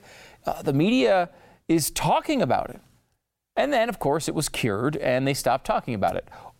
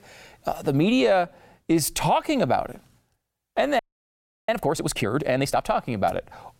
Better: first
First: none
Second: audio freezing; at 4 s for 0.5 s

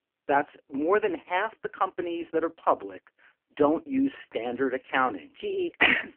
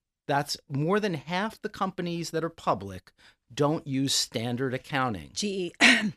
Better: second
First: phone-call audio; poor line; nothing above 3 kHz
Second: none

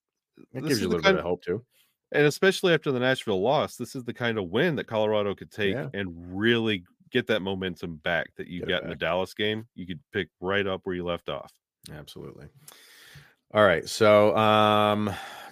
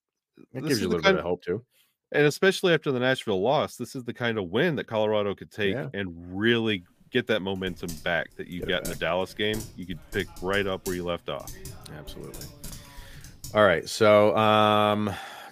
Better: first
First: none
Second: keyboard typing; faint; from 7.5 to 14 s; peak 15 dB below the speech

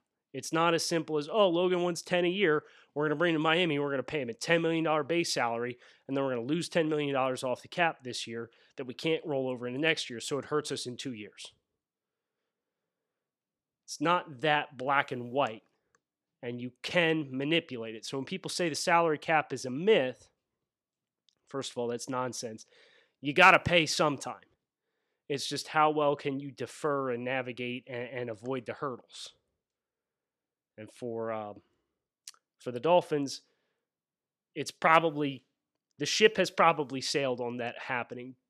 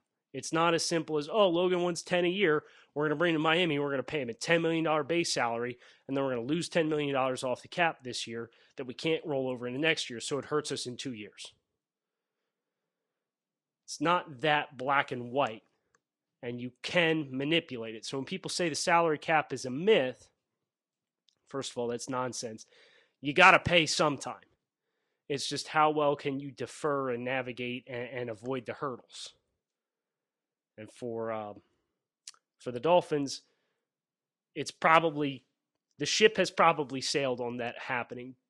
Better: first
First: none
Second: garbled, watery; slightly; nothing above 10.5 kHz

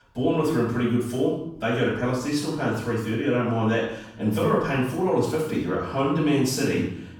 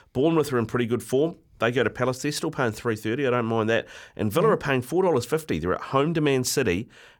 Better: second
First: off-mic speech; far // room echo; noticeable; dies away in 0.7 s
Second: none

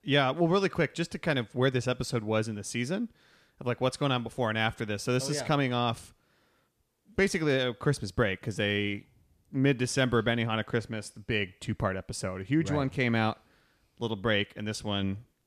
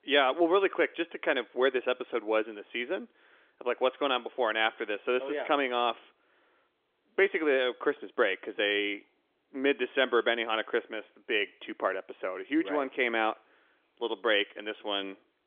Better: first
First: none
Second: phone-call audio; nothing above 3.5 kHz

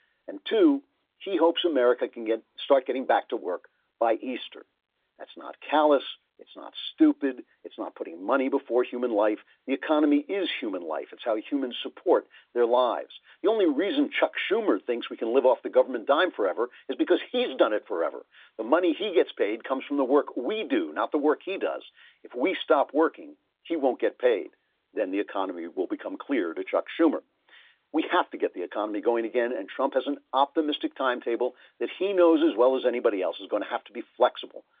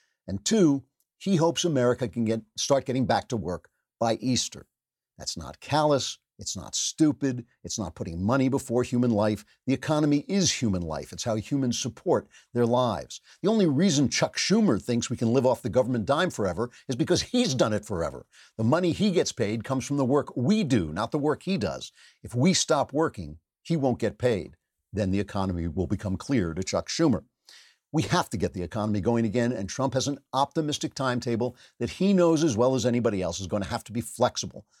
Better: second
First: phone-call audio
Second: none

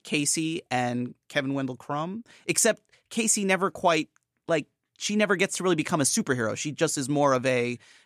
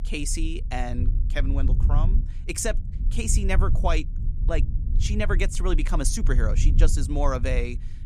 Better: first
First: none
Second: low rumble; noticeable; throughout; 15 dB below the speech

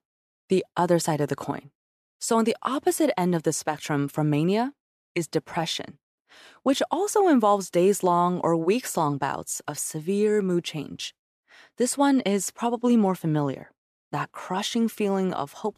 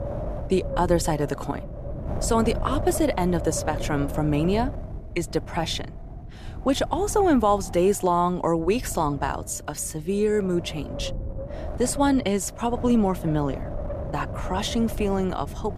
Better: first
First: none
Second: wind noise on the microphone; occasional gusts; 10 dB below the speech

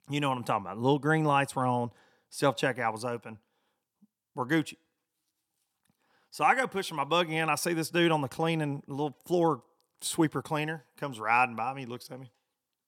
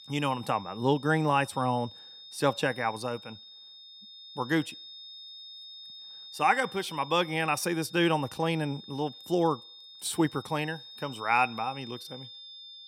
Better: first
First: none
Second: high-pitched whine; noticeable; throughout; 3.5 kHz, 15 dB below the speech

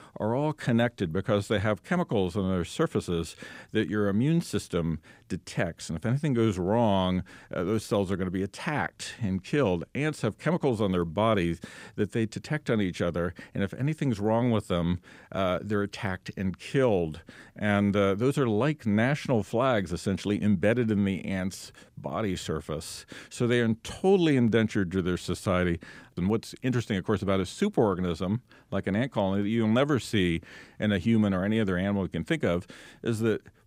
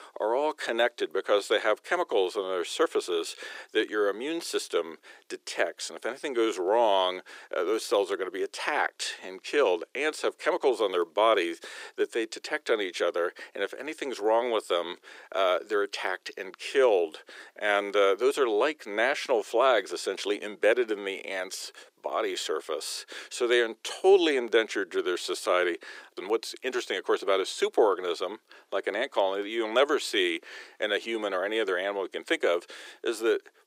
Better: first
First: none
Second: thin; very; fading below 350 Hz

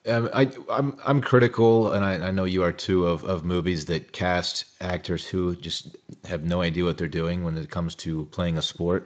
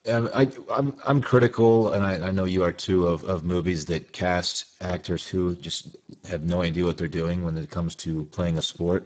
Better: first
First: garbled, watery; slightly; nothing above 7.5 kHz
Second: garbled, watery; badly; nothing above 7.5 kHz

